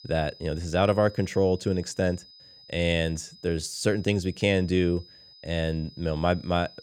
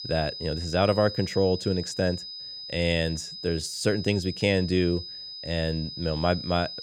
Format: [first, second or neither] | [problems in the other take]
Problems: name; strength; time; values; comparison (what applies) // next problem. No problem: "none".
first | high-pitched whine; loud; throughout; 5 kHz, 9 dB below the speech; faint in the first